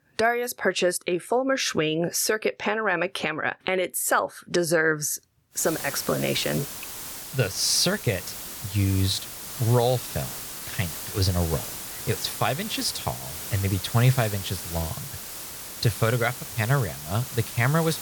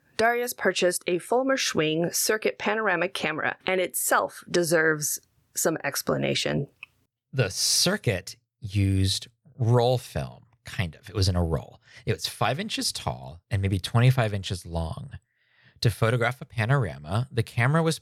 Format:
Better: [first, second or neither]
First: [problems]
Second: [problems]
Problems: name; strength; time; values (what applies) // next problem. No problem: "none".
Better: second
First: hiss; loud; from 5.5 s on; 8 dB below the speech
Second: none